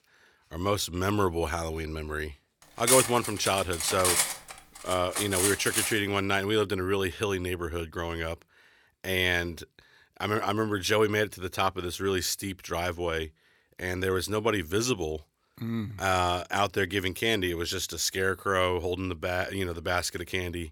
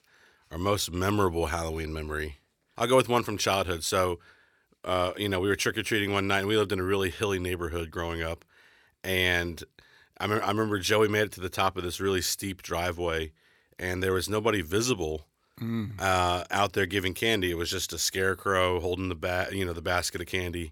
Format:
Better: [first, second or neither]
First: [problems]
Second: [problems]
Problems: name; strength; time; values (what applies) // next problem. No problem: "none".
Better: second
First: clattering dishes; loud; from 3 to 6 s; peak 5 dB above the speech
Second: none